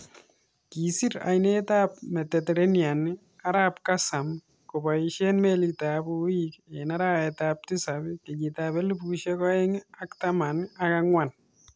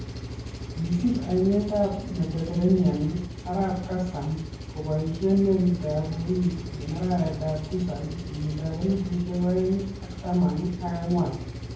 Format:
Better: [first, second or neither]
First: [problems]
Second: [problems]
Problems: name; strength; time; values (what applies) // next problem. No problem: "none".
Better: first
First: none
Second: background sound (Engine); 9 dB below the speech // room echo; dies away in 0.9 s